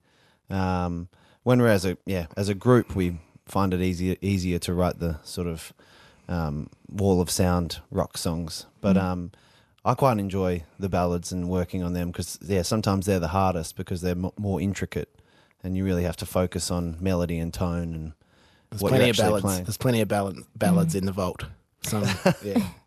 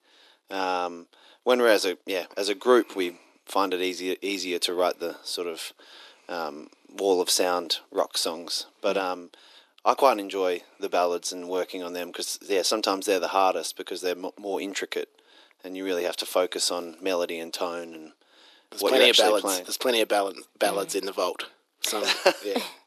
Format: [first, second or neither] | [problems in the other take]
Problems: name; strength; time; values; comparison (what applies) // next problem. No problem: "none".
first | thin; very; fading below 300 Hz